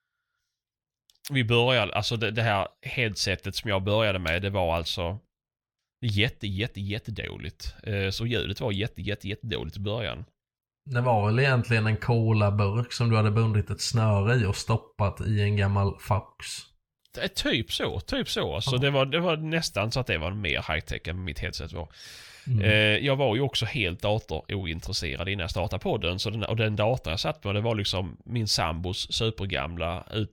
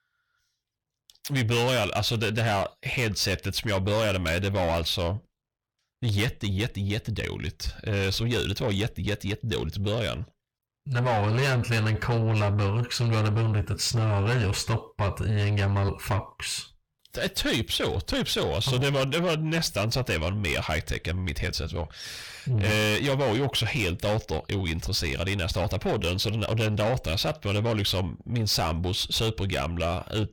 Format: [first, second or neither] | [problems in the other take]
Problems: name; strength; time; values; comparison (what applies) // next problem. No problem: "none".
first | distortion; heavy; 8 dB below the speech